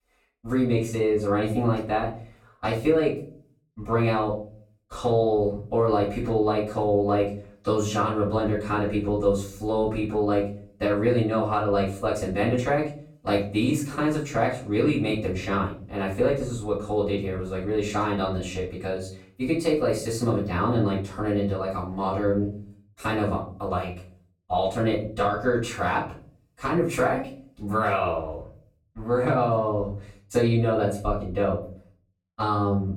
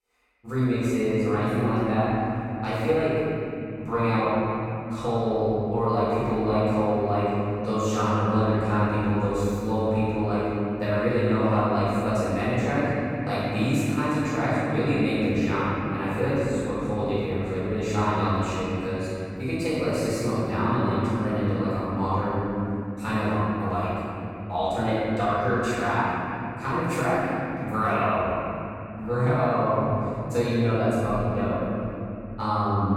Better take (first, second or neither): first